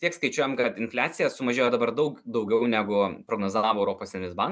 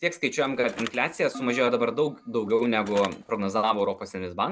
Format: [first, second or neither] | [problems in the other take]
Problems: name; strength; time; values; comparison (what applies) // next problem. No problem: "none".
first | background sound (Bicycle + Keyboard (musical)); 17 dB below the speech